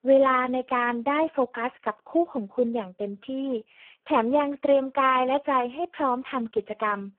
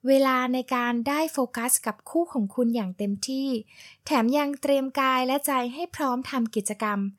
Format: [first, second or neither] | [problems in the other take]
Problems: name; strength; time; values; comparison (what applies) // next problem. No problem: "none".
second | phone-call audio; poor line